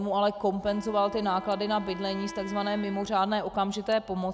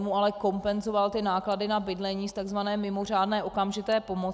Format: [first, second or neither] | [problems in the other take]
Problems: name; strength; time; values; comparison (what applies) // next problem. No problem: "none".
second | background sound (Wind instrument, woodwind instrument); 16 dB below the speech